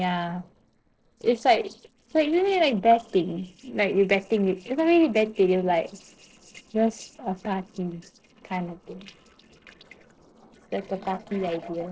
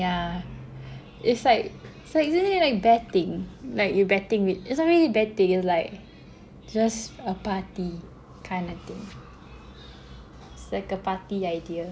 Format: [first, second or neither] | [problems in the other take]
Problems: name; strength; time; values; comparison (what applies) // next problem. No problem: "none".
second | noise reduction (neural separator model SepFormer DNS4)